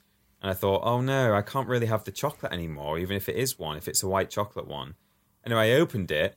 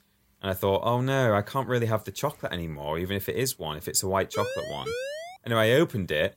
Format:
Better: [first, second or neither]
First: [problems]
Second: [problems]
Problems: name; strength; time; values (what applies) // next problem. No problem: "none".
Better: first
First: none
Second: siren; noticeable; from 4.5 to 5.5 s; peak 6 dB below the speech